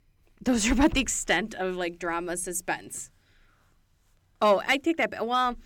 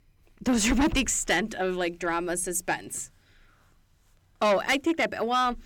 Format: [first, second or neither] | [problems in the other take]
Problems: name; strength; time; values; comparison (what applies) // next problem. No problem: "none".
first | distortion; slight; 10 dB below the speech